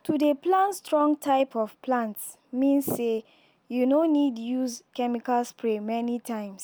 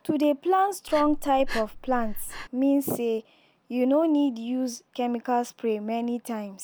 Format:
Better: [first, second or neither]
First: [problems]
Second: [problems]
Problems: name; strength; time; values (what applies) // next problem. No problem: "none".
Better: first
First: none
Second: background sound (Breathing); 7 dB below the speech